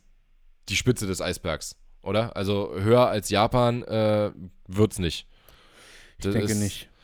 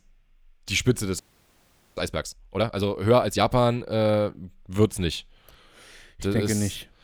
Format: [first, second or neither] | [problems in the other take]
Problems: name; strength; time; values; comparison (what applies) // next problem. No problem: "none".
first | audio freezing; at 1 s for 1 s